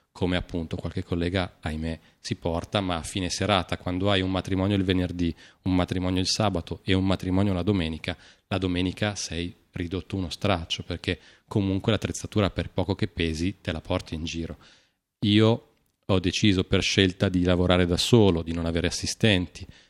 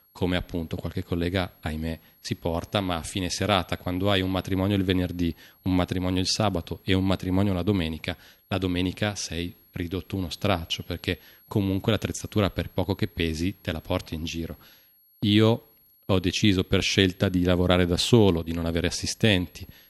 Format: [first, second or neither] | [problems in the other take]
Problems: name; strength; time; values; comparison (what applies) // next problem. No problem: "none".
first | high-pitched whine; faint; throughout; 11.5 kHz, 30 dB below the speech